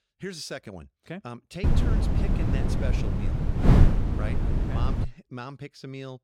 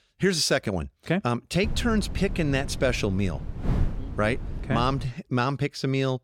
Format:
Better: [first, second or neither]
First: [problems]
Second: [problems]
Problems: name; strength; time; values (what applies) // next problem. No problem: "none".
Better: second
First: wind noise on the microphone; heavy; from 1.5 to 5 s; 5 dB above the speech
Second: wind noise on the microphone; occasional gusts; from 1.5 to 5 s; 15 dB below the speech